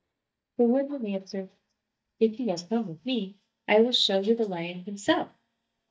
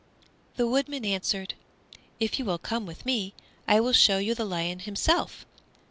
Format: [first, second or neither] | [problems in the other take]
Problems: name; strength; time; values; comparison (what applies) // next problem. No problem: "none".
second | noise reduction (neural mask model DeepFilterNet 3)